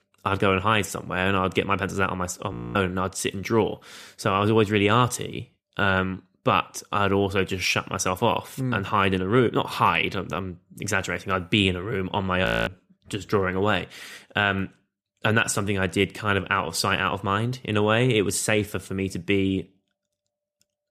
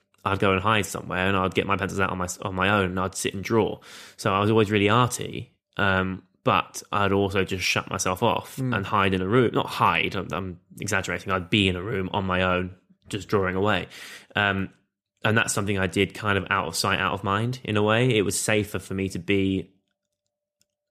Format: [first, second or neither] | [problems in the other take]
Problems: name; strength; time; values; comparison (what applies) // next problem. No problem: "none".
second | audio freezing; at 2.5 s and at 12 s